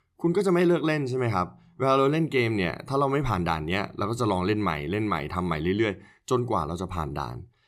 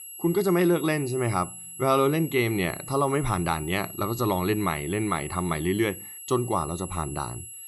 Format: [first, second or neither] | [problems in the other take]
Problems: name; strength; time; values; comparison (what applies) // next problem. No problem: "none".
first | high-pitched whine; noticeable; throughout; 11.5 kHz, 10 dB below the speech